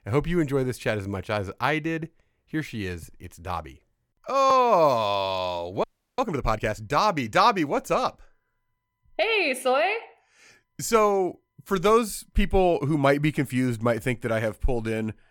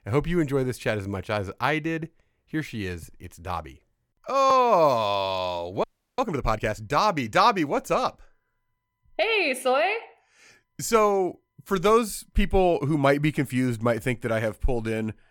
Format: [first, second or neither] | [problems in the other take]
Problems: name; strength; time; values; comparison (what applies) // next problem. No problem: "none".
neither | audio freezing; at 6 s; the same in both